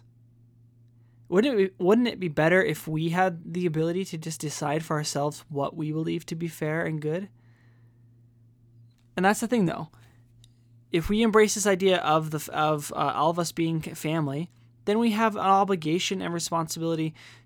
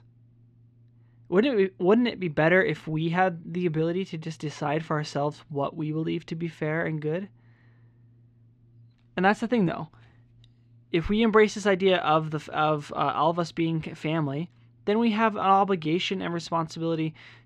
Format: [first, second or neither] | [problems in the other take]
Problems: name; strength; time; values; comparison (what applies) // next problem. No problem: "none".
first | muffled; slightly; fading above 3 kHz